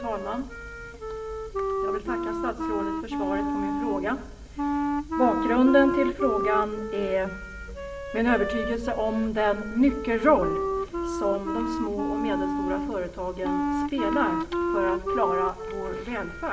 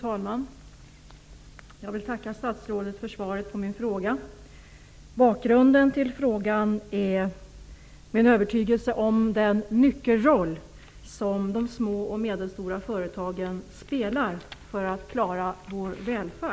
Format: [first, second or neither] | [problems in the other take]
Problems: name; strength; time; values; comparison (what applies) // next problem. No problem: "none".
second | background sound (Wind instrument, woodwind instrument); 2 dB below the speech // room echo; dies away in 1.4 s